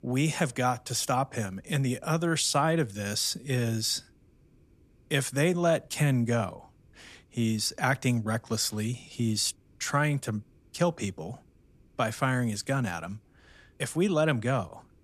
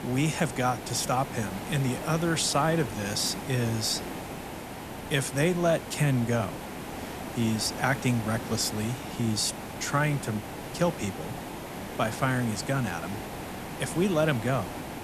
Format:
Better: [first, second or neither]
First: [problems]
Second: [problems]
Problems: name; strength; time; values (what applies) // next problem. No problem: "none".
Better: first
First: none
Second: hiss; loud; throughout; 9 dB below the speech